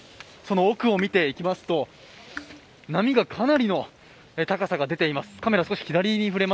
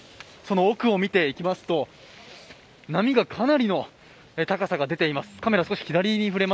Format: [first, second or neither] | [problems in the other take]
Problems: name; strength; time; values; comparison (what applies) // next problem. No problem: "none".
second | background sound (Raindrop / Drip); 20 dB below the speech